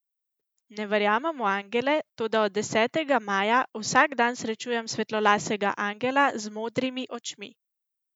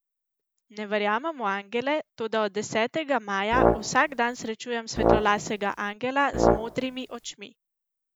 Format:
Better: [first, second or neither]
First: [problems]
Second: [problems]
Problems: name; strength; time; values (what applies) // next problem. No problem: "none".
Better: first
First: none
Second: background sound (Brass instrument); 2 dB above the speech